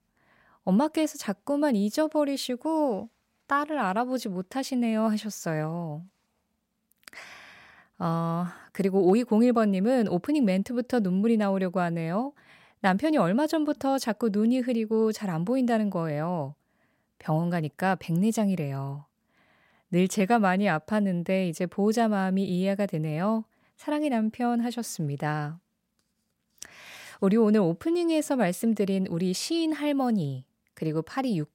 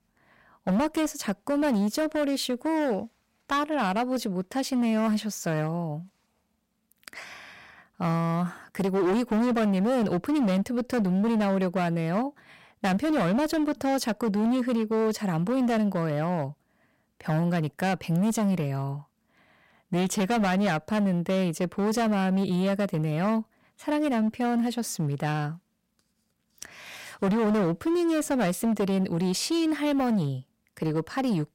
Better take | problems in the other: first | distortion; slight; 16% of the sound clipped

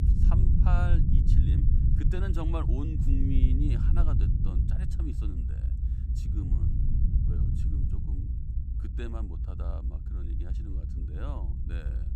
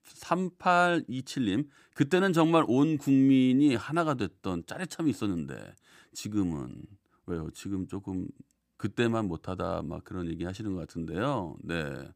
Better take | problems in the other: second | low rumble; loud; throughout; 1 dB below the speech

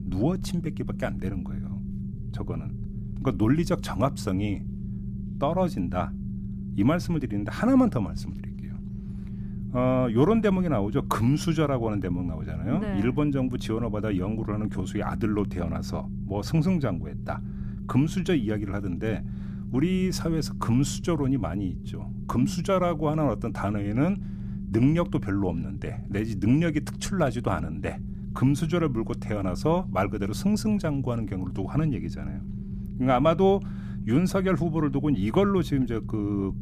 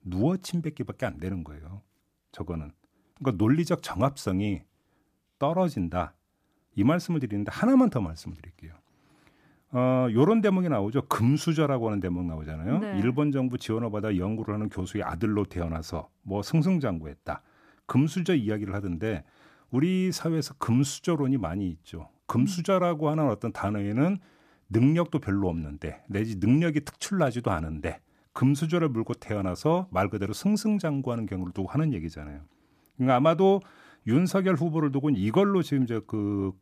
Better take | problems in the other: second | low rumble; noticeable; throughout; 15 dB below the speech

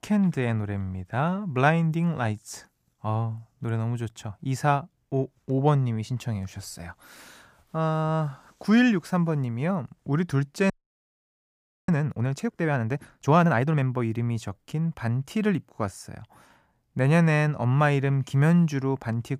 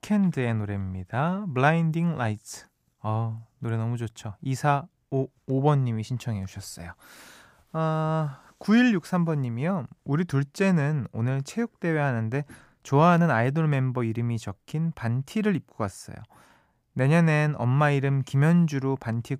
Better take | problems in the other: second | audio freezing; at 11 s for 1 s

